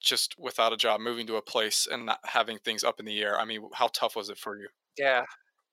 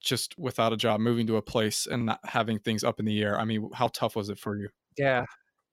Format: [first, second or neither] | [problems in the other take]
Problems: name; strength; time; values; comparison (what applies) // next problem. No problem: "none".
second | thin; very; fading below 550 Hz